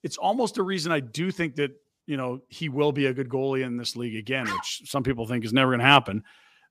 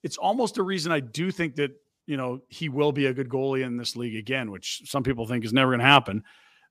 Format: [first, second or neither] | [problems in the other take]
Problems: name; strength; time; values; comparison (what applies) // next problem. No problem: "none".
second | dog barking; noticeable; at 4.5 s; peak 6 dB below the speech